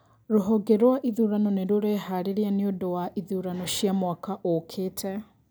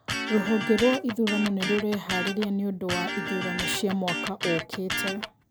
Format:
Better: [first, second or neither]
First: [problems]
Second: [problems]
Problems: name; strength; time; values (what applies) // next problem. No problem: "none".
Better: first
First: none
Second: background sound (Electric guitar); 4 dB below the speech